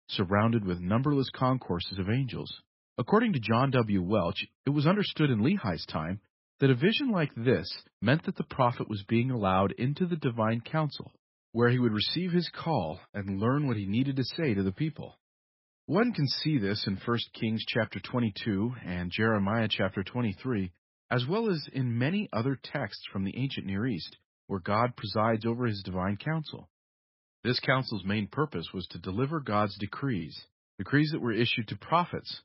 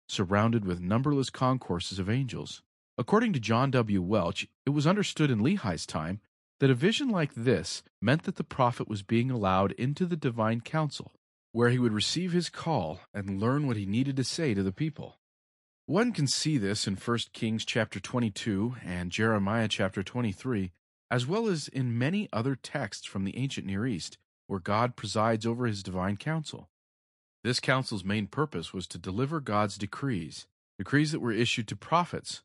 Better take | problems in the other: second | garbled, watery; badly; nothing above 5.5 kHz; slightly in the second

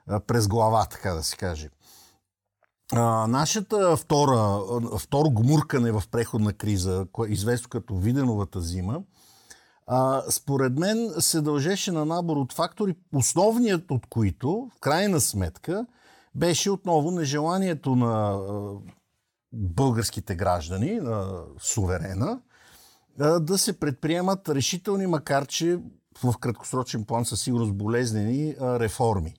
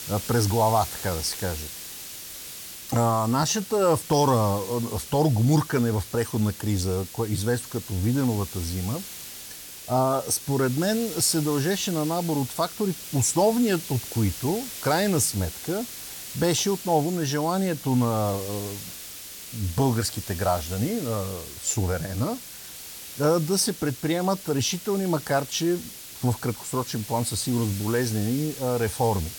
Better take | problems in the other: first | hiss; noticeable; throughout; 10 dB below the speech

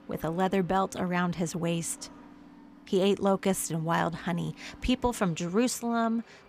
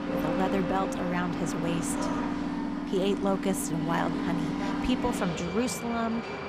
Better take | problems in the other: first | train or aircraft noise; loud; throughout; 1 dB below the speech; faint in the first

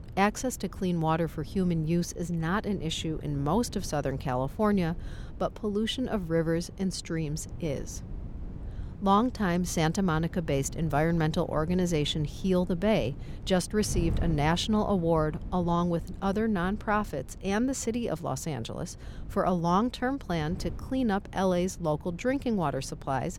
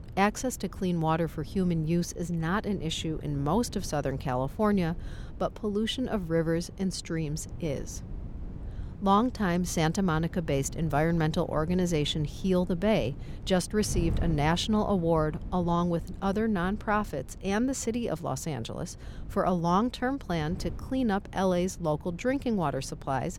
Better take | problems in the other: neither | wind noise on the microphone; occasional gusts; 20 dB below the speech; the same in both

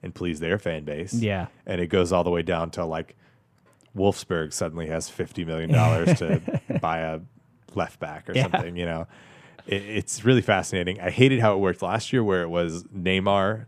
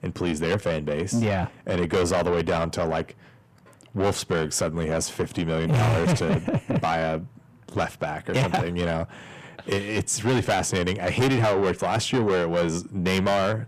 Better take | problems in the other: first | distortion; heavy; 6 dB below the speech

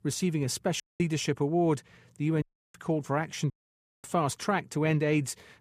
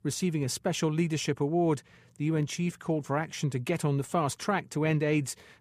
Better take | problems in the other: second | audio cutting out; at 1 s, at 2.5 s and at 3.5 s for 0.5 s

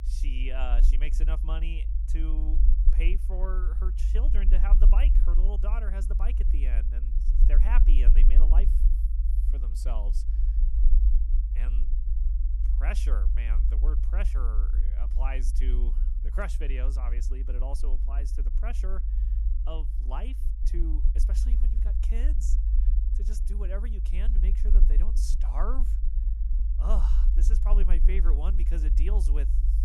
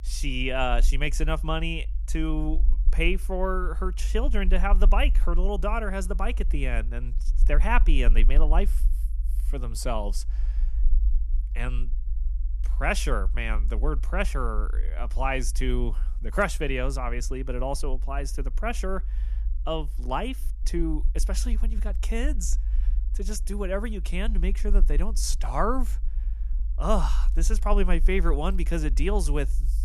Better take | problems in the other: second | low rumble; loud; throughout; 7 dB below the speech; faint in the second

